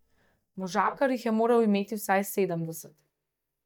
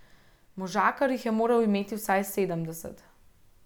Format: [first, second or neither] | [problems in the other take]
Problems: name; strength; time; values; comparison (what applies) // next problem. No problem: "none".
second | noise reduction (neural mask model DeepFilterNet 3)